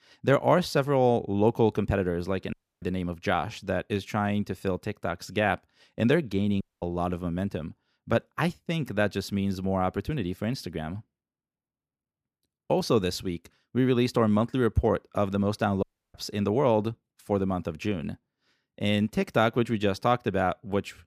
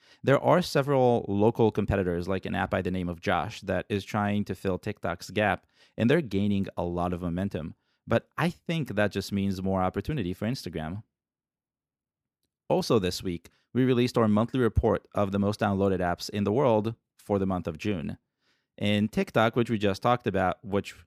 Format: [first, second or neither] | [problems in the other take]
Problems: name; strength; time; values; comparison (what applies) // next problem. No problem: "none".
second | audio cutting out; at 2.5 s, at 6.5 s and at 16 s